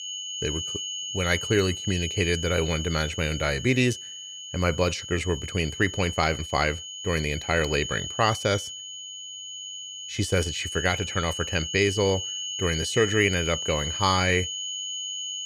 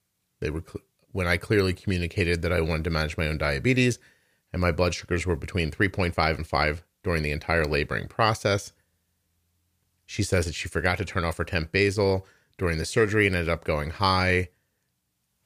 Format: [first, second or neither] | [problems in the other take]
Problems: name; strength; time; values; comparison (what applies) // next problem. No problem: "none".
second | high-pitched whine; loud; throughout; 3 kHz, 6 dB below the speech